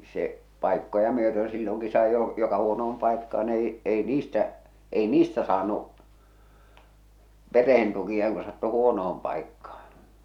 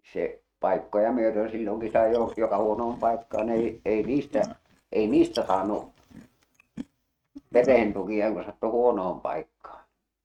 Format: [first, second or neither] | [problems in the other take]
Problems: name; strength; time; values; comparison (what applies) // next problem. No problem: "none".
first | noise reduction (neural mask model RNNoise)